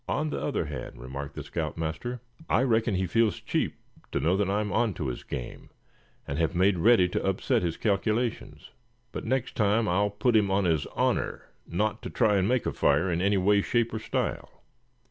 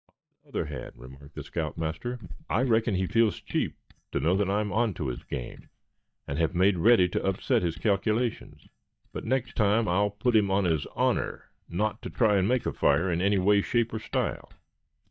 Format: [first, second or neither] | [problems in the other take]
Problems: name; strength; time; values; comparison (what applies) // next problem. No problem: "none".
first | noise reduction (neural mask model DeepFilterNet 3)